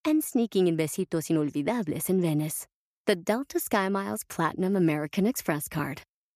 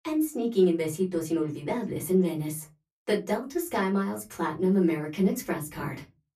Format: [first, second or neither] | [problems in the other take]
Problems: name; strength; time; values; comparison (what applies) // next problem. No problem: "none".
first | off-mic speech; far // room echo; very slight; dies away in 0.2 s